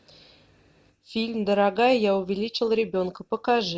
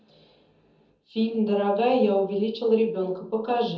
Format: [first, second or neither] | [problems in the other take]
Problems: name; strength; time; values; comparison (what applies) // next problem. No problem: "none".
first | room echo; dies away in 0.7 s